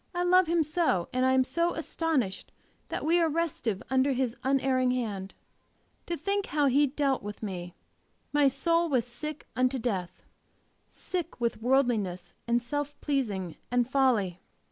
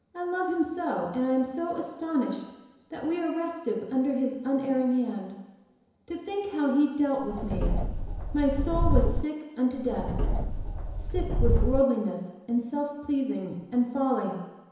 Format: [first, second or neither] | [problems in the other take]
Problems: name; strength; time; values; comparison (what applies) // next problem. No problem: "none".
first | background sound (Subway, metro, underground); 3 dB above the speech // room echo; dies away in 1 s